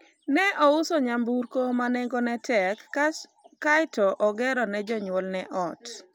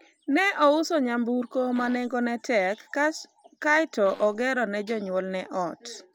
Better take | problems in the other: first | background sound (Fart); 20 dB below the speech

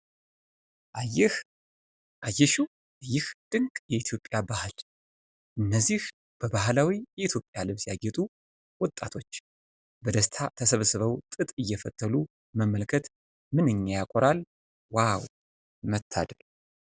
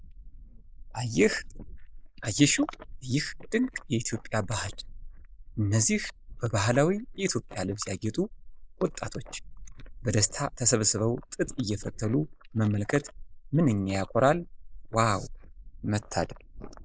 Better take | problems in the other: first | noise reduction (neural mask model Resemble Enhance denoiser)

